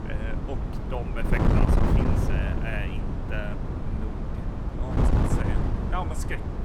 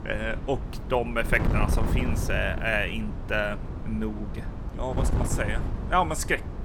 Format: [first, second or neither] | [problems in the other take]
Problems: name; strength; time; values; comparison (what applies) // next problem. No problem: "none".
second | wind noise on the microphone; heavy; 3 dB above the speech; occasional gusts in the second